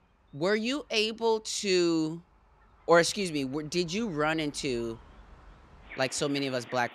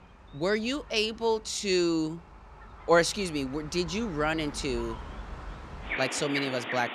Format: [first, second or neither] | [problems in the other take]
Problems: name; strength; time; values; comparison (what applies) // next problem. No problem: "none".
first | animal sounds; loud; throughout; 10 dB below the speech; faint in the first